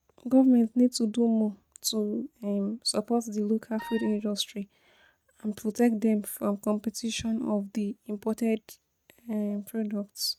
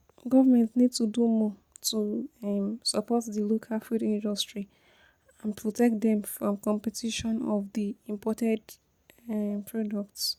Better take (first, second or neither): second